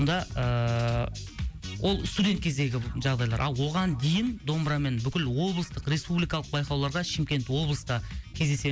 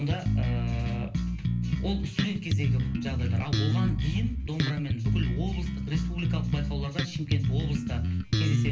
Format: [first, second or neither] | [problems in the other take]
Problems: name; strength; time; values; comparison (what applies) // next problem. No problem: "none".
first | background sound (Bass guitar); 4 dB above the speech // room echo; dies away in 0.3 s